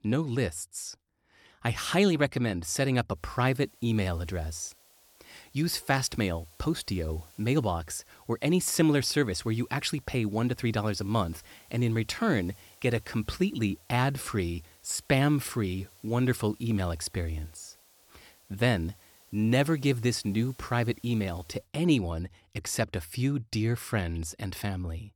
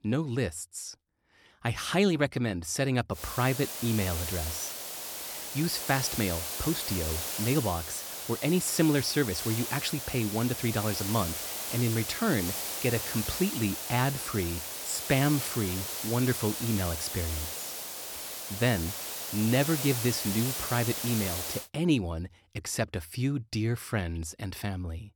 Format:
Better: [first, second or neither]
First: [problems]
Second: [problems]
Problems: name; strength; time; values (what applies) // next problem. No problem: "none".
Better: first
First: hiss; faint; from 3 to 22 s; 25 dB below the speech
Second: hiss; loud; from 3 to 22 s; 3 dB below the speech